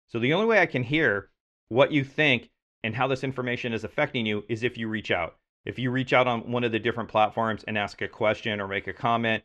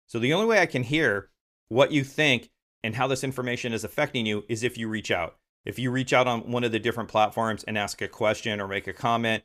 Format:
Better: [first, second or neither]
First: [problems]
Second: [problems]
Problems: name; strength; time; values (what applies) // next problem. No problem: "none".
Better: second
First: muffled; slightly; fading above 3 kHz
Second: none